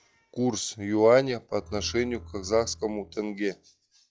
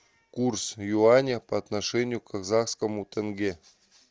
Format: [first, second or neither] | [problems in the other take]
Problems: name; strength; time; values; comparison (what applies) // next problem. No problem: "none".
second | noise reduction (classical method log-MMSE)